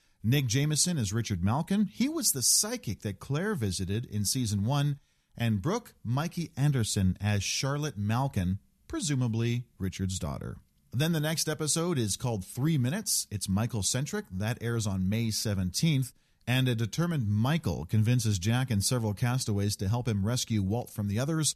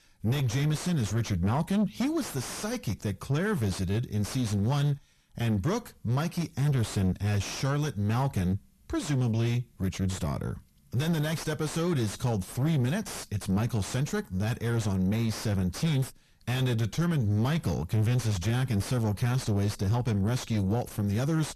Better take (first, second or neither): first